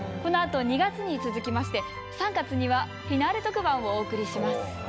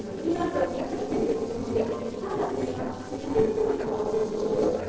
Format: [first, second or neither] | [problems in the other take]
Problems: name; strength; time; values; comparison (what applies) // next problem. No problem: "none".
first | noise reduction (neural separator model SepFormer DNS4)